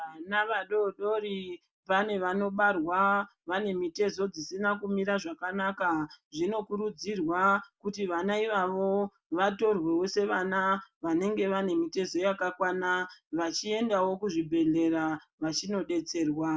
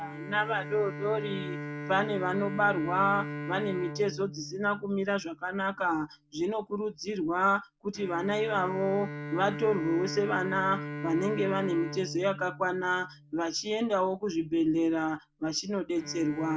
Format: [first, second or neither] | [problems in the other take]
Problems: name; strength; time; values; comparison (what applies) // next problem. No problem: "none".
first | background sound (Bowed string instrument); 10 dB below the speech